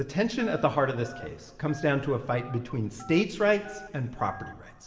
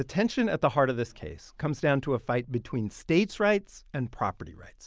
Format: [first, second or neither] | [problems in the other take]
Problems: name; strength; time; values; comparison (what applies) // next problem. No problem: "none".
second | background sound (Telephone); 20 dB below the speech // room echo; dies away in 1.7 s